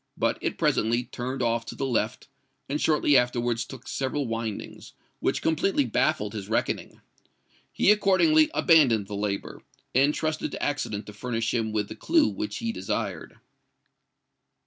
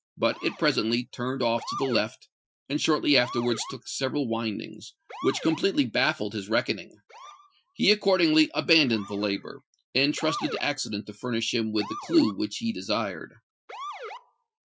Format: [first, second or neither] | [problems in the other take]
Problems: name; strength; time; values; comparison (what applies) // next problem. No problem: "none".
first | noise reduction (classical method Wiener filter)